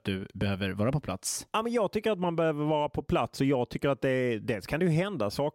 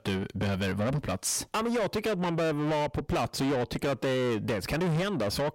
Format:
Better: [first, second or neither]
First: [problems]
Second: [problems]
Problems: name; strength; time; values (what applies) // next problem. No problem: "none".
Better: first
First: none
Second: distortion; heavy; 7 dB below the speech